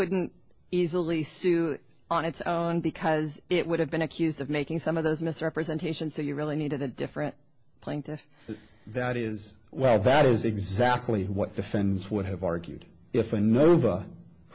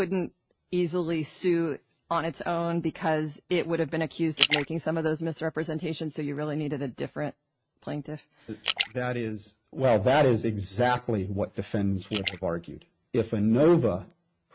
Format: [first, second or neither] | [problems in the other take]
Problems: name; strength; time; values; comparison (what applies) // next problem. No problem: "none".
first | noise reduction (neural mask model RNNoise)